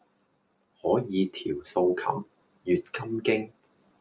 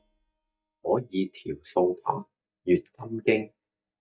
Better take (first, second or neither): first